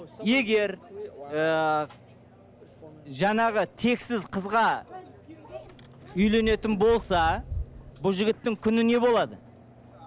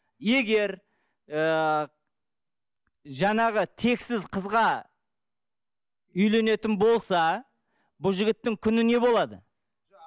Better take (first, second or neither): second